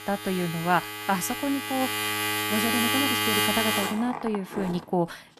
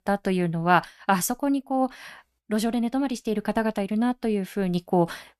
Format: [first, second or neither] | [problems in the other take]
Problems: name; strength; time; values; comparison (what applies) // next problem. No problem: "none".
second | household noises; very loud; throughout; 2 dB above the speech